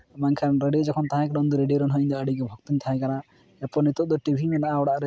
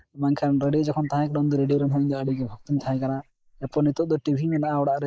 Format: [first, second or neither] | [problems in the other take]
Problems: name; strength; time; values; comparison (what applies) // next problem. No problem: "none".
first | noise reduction (neural mask model Resemble Enhance denoiser)